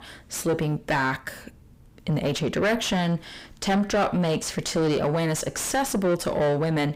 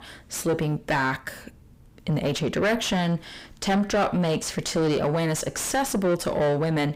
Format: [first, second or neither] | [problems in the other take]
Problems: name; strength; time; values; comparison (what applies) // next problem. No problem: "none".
neither | distortion; heavy; 5 dB below the speech; the same in both